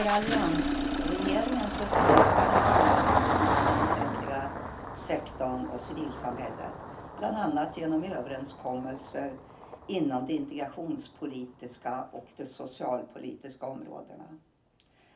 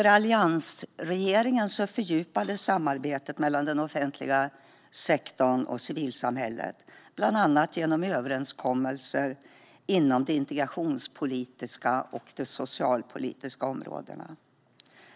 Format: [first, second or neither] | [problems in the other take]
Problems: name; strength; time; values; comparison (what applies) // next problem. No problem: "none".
second | background sound (Engine starting); 4 dB above the speech // room echo; dies away in 0.3 s